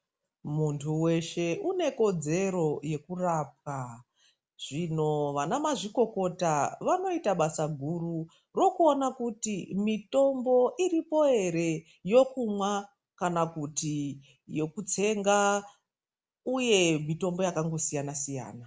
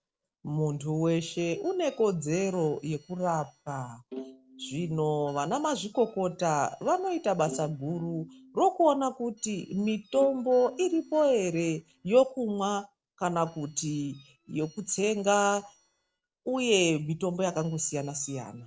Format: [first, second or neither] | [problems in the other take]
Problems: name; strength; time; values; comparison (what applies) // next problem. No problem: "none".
first | noise reduction (neural separator model SepFormer DNS4)